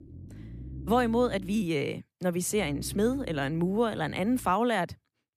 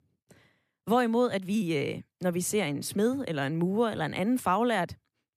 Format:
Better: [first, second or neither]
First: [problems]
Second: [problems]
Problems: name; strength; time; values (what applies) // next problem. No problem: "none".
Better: second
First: low rumble; faint; until 1.5 s and from 2.5 to 4.5 s; 25 dB below the speech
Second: none